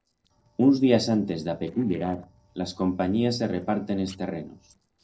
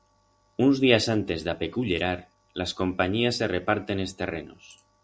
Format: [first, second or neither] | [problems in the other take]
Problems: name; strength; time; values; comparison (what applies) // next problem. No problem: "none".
second | noise reduction (neural separator model SepFormer DNS4)